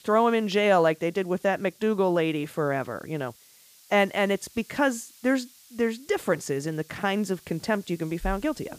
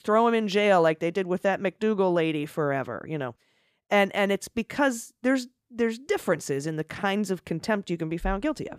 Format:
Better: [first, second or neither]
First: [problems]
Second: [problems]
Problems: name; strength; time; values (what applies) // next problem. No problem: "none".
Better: second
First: hiss; faint; throughout; 25 dB below the speech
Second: none